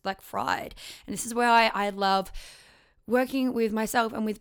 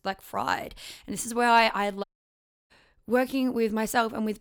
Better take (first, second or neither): first